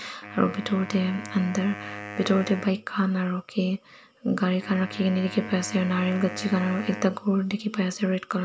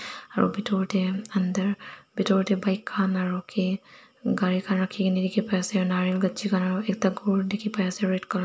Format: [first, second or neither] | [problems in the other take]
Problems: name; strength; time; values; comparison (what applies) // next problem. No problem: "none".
second | background sound (Wind instrument, woodwind instrument); 15 dB below the speech